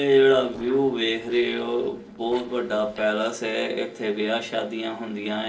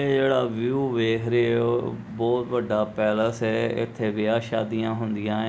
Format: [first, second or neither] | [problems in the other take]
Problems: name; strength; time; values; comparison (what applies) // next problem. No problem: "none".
second | noise reduction (neural separator model SepFormer DNS4)